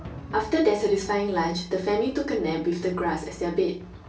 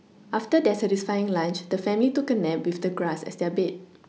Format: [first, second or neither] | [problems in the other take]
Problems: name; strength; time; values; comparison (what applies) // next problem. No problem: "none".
second | background sound (Drum); 17 dB below the speech // room echo; dies away in 0.2 s